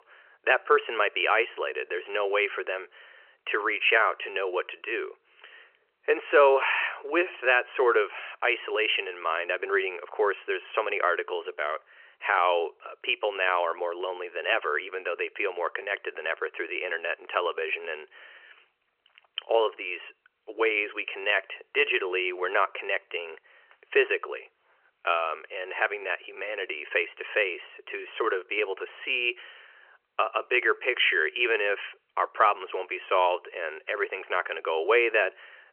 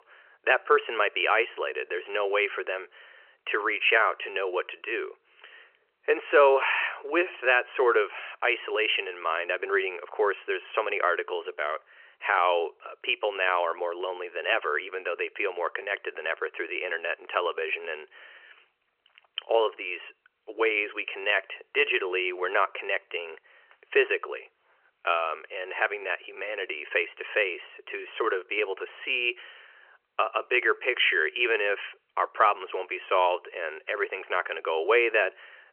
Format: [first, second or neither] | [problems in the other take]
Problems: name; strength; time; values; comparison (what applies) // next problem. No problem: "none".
neither | phone-call audio; nothing above 3 kHz; the same in both